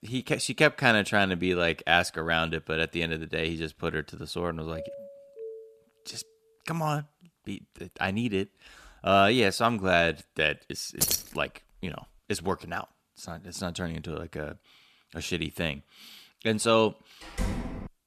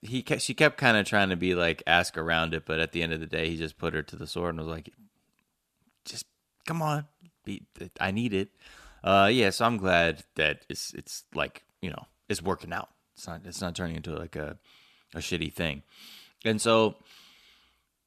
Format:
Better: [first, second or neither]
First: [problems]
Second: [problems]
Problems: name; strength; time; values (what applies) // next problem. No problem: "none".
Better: second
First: doorbell; faint; from 4.5 to 5.5 s; peak 15 dB below the speech // jangling keys; loud; at 11 s; peak 2 dB above the speech // door banging; noticeable; at 17 s; peak 6 dB below the speech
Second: none